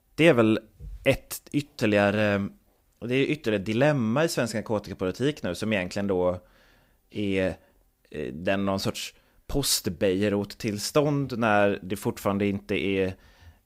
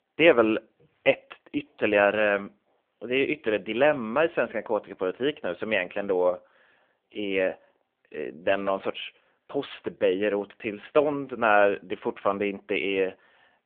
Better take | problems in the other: first | phone-call audio

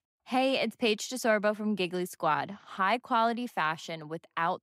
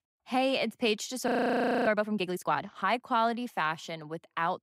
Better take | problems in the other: first | audio freezing; at 1.5 s for 0.5 s

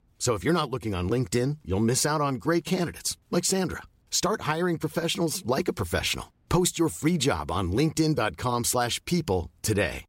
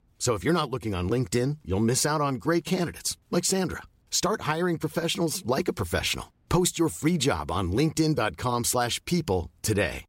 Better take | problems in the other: neither | none

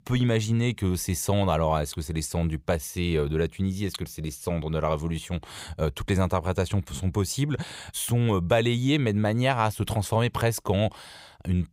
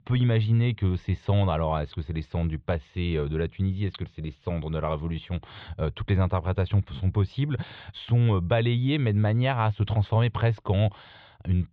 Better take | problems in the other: first | muffled; very; fading above 3.5 kHz

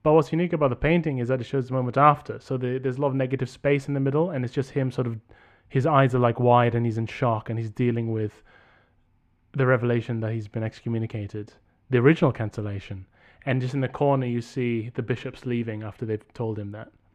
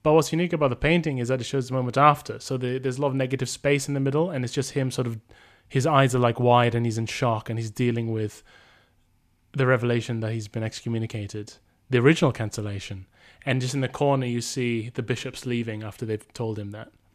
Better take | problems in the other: second | muffled; slightly; fading above 3.5 kHz

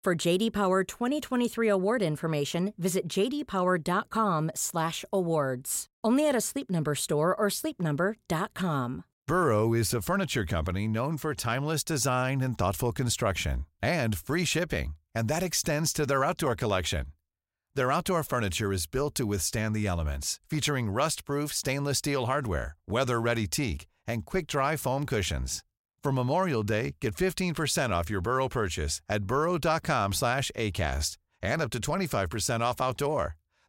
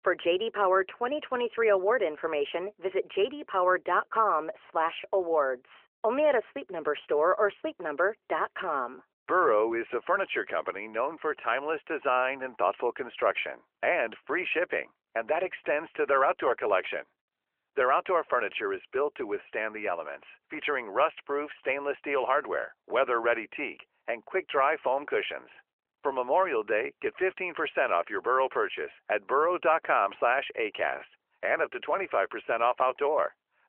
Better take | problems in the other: first | phone-call audio; nothing above 3 kHz

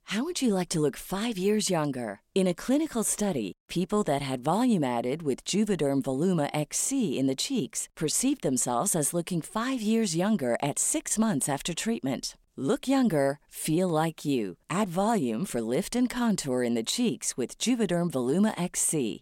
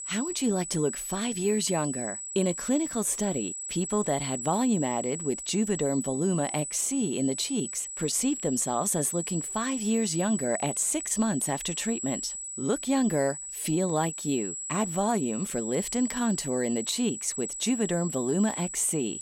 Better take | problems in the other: first | high-pitched whine; loud; throughout; 8 kHz, 6 dB below the speech

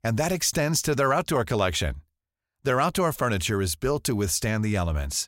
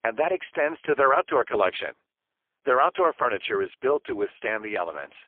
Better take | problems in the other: first | phone-call audio; poor line; nothing above 3.5 kHz

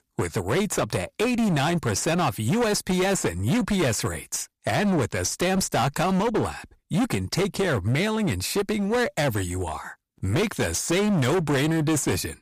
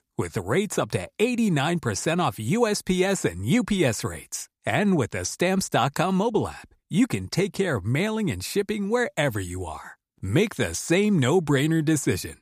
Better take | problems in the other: second | distortion; heavy; 24% of the sound clipped

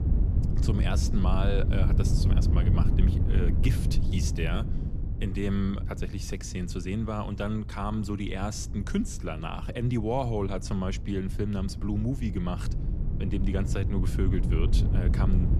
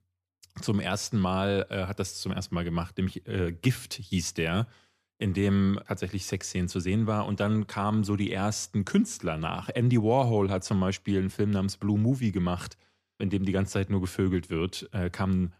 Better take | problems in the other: second | wind noise on the microphone; heavy; 7 dB below the speech

